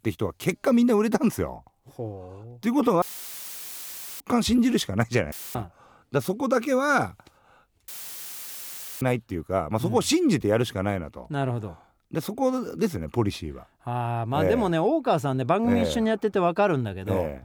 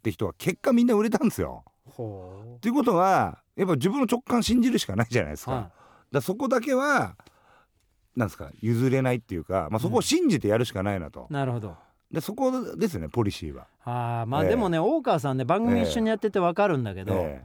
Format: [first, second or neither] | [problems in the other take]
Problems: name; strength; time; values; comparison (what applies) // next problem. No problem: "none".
second | audio cutting out; filled with static; at 3 s for 1 s, at 5.5 s and at 8 s for 1 s